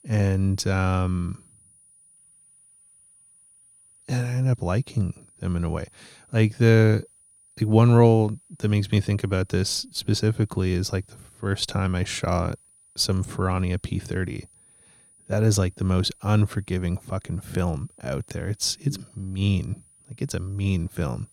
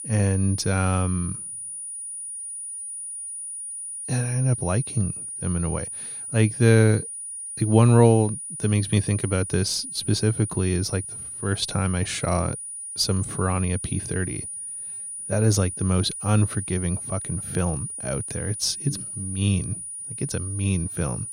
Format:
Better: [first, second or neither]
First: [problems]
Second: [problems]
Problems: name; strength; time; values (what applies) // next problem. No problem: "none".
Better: first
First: high-pitched whine; faint; throughout; 9.5 kHz, 30 dB below the speech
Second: high-pitched whine; loud; throughout; 9.5 kHz, 7 dB below the speech